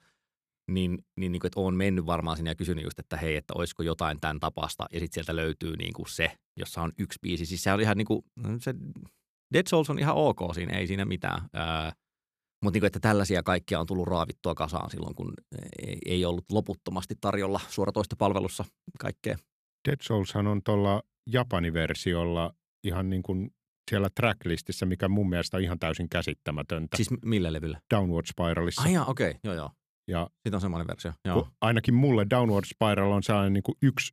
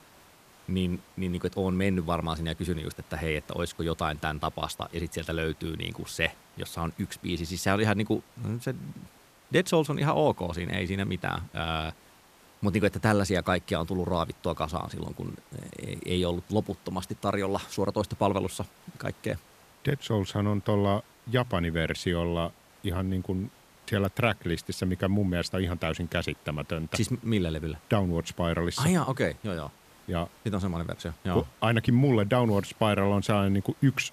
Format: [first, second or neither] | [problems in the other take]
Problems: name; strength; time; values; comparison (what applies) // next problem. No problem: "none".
first | hiss; faint; throughout; 25 dB below the speech